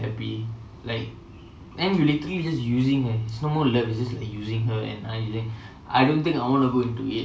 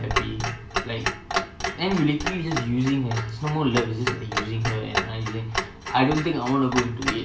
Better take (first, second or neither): first